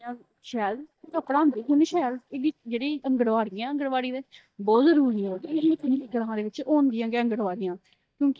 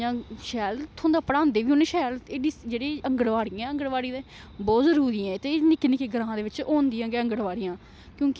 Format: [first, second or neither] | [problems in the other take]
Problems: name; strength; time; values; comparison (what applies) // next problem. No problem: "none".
second | noise reduction (neural mask model DeepFilterNet 3)